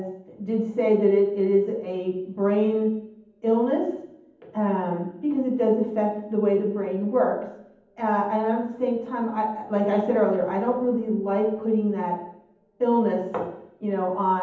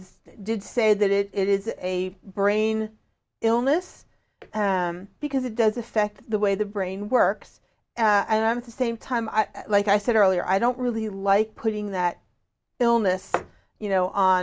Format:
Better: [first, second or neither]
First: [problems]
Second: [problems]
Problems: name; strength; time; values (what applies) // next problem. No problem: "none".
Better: second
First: room echo; dies away in 0.8 s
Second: none